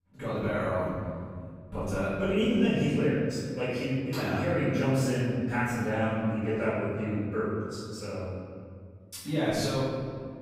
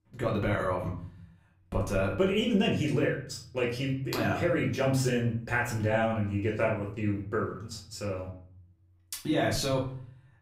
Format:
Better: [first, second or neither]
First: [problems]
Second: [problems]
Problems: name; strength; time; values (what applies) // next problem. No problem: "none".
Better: second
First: room echo; strong; dies away in 2.2 s // off-mic speech; far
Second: room echo; slight; dies away in 0.5 s // off-mic speech; far